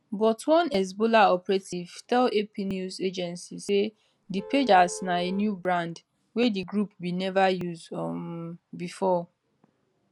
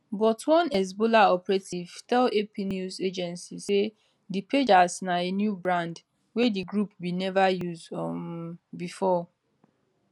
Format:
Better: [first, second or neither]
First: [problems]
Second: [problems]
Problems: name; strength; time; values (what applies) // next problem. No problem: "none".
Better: second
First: background sound (Vehicle horn, car horn, honking); 15 dB below the speech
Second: none